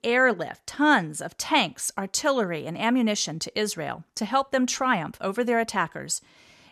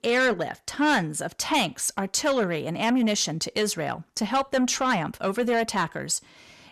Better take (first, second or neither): first